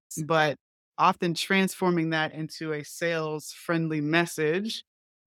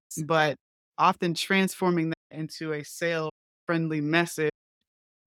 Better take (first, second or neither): first